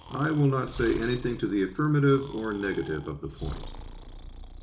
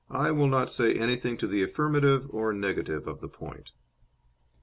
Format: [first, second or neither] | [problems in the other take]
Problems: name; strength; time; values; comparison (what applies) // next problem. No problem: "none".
second | background sound (Breathing); 14 dB below the speech // room echo; dies away in 0.4 s